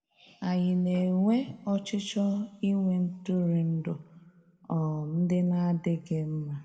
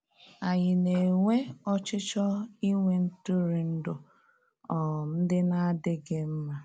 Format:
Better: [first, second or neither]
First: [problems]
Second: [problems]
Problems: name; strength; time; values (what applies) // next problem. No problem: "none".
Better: second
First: room echo; dies away in 1 s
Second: none